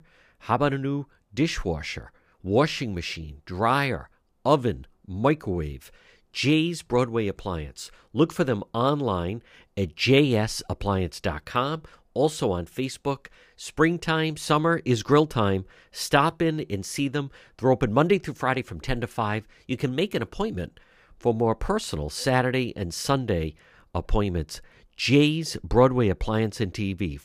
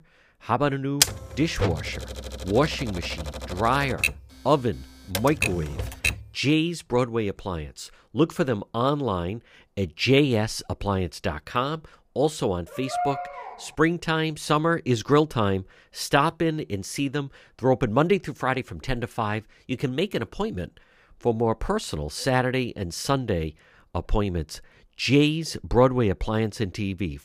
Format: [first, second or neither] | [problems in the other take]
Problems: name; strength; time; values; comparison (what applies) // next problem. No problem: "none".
first | keyboard typing; loud; from 1 to 6 s; peak 4 dB above the speech // dog barking; noticeable; at 13 s; peak 3 dB below the speech